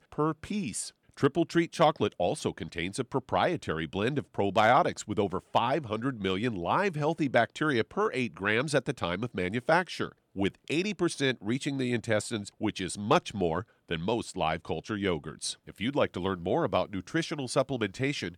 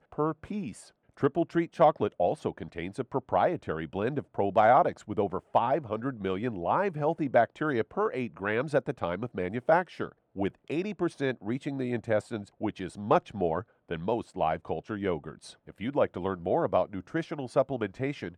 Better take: first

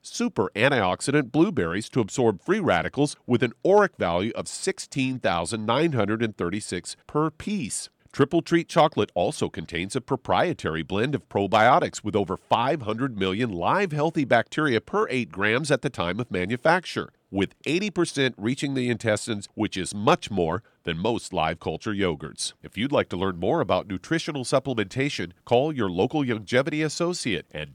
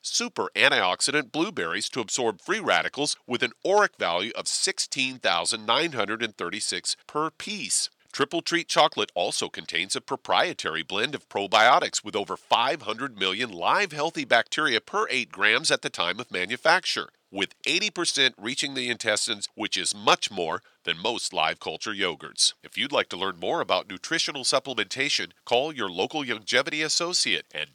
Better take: first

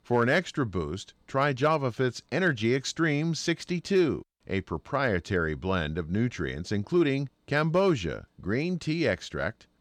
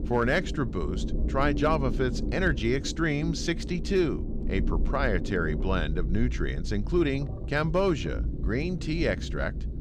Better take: first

